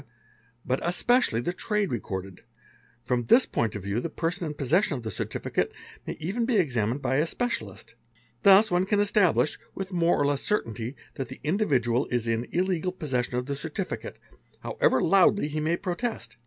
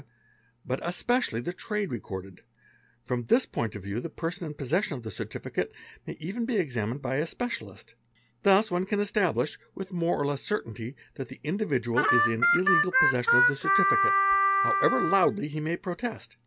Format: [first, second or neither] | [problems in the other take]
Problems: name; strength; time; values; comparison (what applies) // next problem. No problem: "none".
first | background sound (Harmonica); 5 dB above the speech